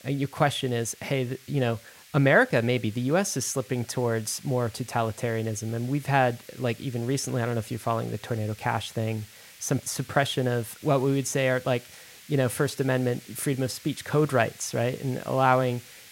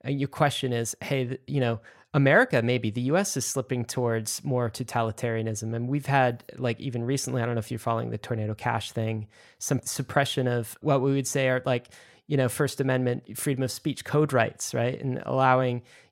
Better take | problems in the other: second | hiss; faint; throughout; 20 dB below the speech

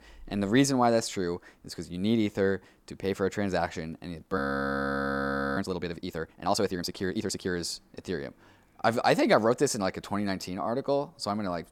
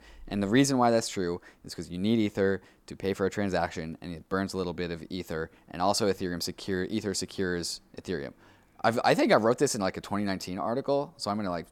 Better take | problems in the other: second | audio freezing; at 4.5 s for 1 s

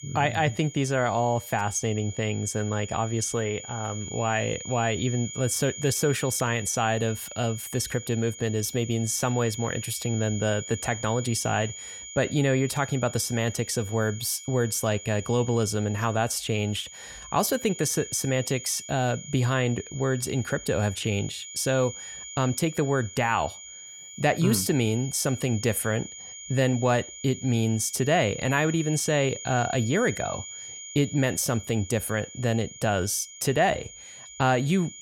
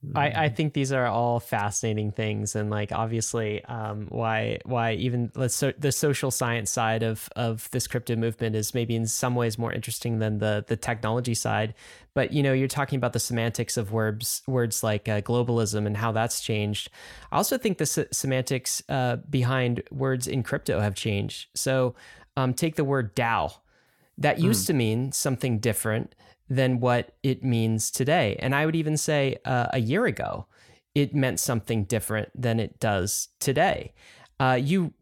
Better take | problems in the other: second | high-pitched whine; noticeable; throughout; 7 kHz, 10 dB below the speech

